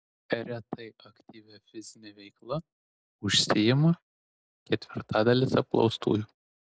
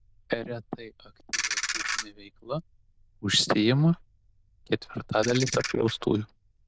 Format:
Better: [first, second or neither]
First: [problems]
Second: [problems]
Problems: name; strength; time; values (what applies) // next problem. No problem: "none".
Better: first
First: none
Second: noise reduction (neural diffusion model UNIVERSE++)